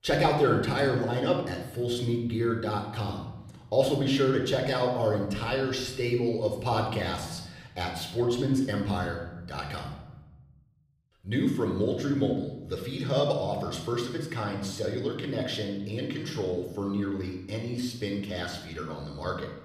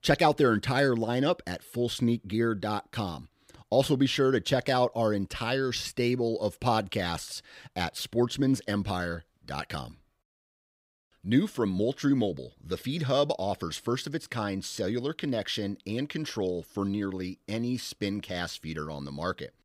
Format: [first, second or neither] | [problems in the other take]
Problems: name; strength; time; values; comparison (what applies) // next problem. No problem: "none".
second | room echo; noticeable; dies away in 0.9 s // off-mic speech; somewhat distant